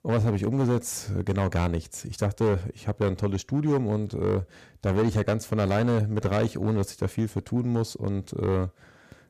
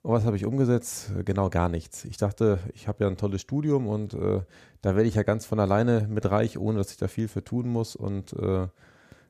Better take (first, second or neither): second